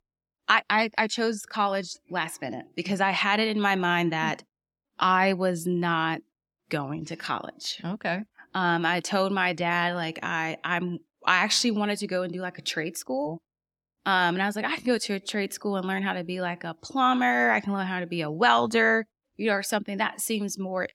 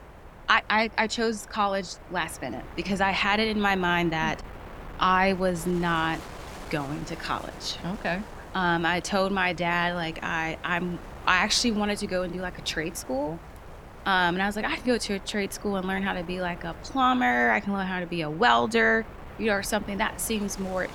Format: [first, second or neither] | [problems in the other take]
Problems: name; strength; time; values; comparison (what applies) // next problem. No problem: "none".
first | wind noise on the microphone; occasional gusts; 20 dB below the speech